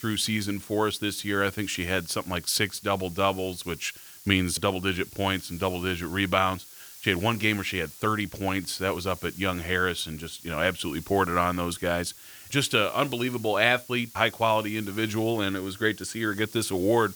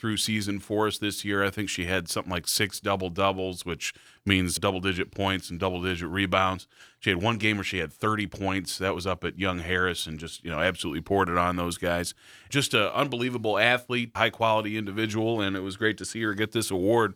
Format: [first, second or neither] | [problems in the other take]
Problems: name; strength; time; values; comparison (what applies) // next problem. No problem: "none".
second | hiss; noticeable; throughout; 15 dB below the speech